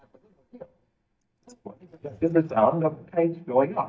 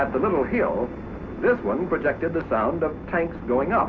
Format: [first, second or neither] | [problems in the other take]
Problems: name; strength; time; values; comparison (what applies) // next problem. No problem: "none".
second | noise reduction (neural mask model DeepFilterNet 3)